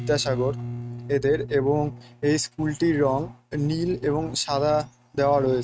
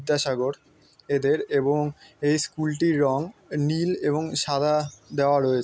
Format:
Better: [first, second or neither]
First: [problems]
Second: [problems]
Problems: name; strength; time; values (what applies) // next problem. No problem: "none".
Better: second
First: noise reduction (neural mask model RNNoise)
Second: none